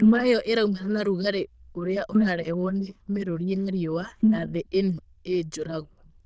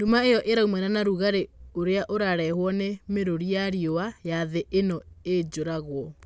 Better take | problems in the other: second | noise reduction (neural diffusion model UNIVERSE++)

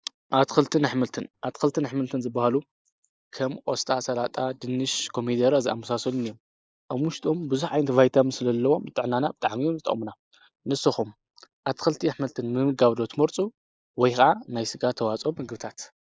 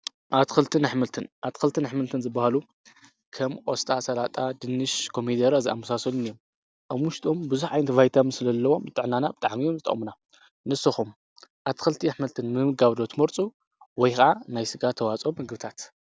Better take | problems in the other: second | noise reduction (neural mask model Resemble Enhance denoiser)

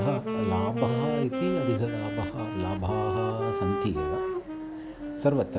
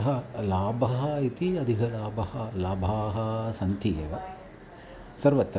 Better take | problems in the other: second | background sound (Wind instrument, woodwind instrument); 1 dB below the speech

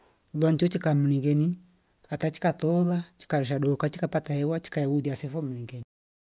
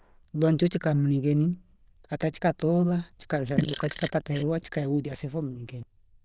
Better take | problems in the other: first | noise reduction (neural diffusion model UNIVERSE++)

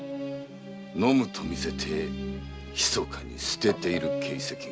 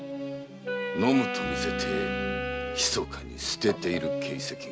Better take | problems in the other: first | background sound (Wind instrument, woodwind instrument); 4 dB below the speech

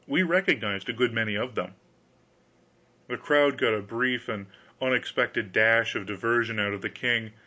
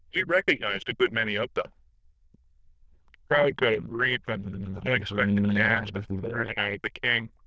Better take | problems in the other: first | noise reduction (neural diffusion model UNIVERSE++)

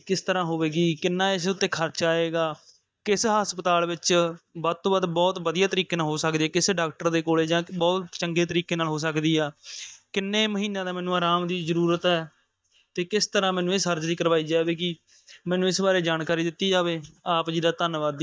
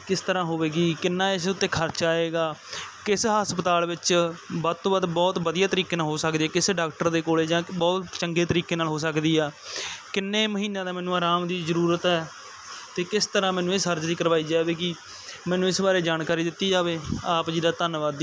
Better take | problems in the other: second | noise reduction (neural mask model DeepFilterNet 3)

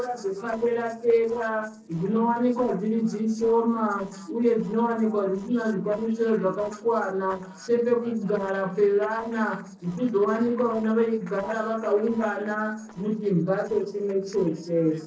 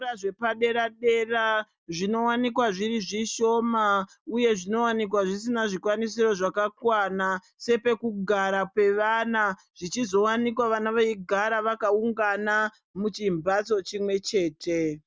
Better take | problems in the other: second | noise reduction (neural separator model SepFormer DNS4)

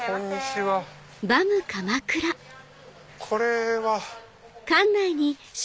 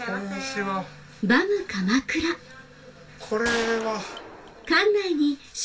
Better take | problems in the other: first | background sound (Gunshot, gunfire); 9 dB below the speech // room echo; dies away in 0.2 s

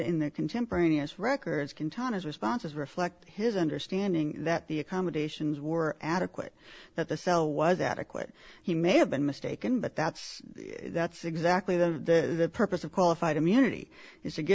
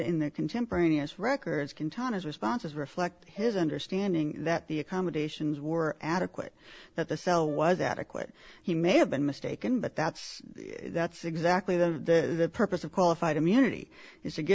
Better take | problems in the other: first | background sound (Brass instrument); 20 dB below the speech

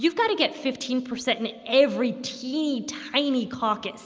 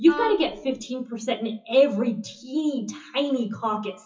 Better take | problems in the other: first | noise reduction (classical method WPE with log-MMSE)

